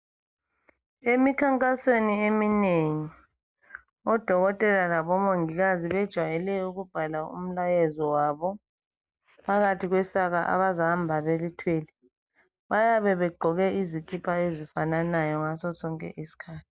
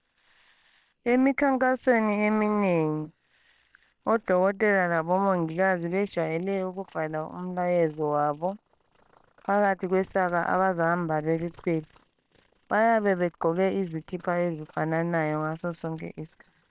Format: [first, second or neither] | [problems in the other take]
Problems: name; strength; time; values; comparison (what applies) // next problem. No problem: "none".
first | noise reduction (neural separator model SepFormer WHAM!)